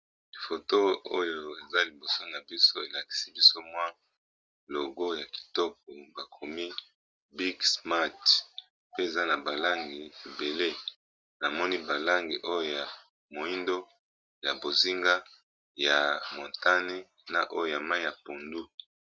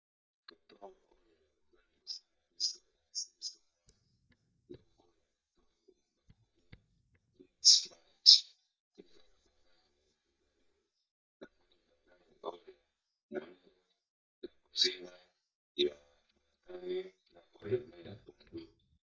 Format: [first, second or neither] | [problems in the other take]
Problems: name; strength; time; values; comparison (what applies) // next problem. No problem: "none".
first | noise reduction (neural mask model DeepFilterNet 3)